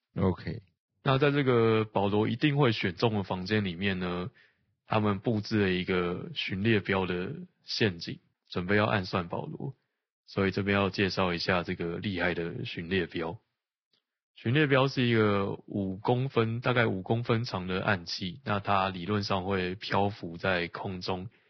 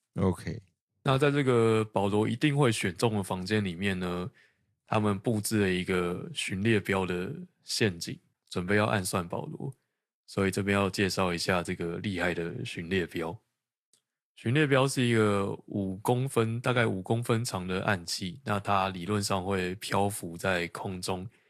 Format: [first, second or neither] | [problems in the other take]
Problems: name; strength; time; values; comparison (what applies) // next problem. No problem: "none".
second | garbled, watery; badly; nothing above 5.5 kHz; slightly in the second